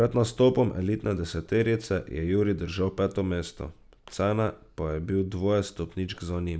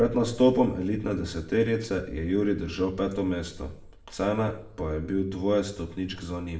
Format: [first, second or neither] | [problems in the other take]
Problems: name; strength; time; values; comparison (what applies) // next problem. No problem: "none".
first | room echo; dies away in 0.5 s